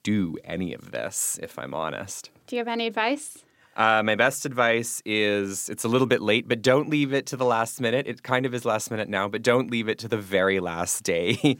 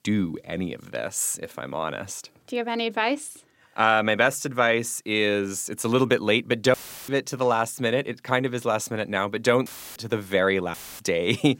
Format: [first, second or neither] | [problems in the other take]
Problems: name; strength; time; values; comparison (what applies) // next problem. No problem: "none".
first | audio cutting out; filled with static; at 6.5 s, at 9.5 s and at 11 s